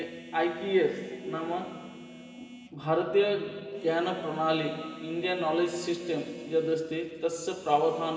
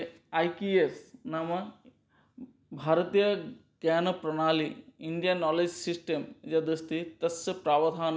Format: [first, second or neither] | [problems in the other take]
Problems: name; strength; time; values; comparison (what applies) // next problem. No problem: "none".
second | background sound (Telephone); 19 dB below the speech // room echo; dies away in 2.7 s